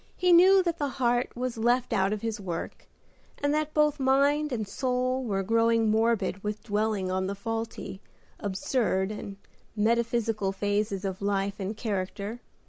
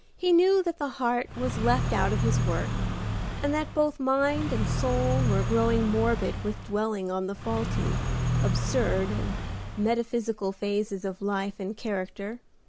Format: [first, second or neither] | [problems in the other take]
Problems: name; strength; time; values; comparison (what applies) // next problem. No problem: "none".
first | background sound (Car); as loud as the speech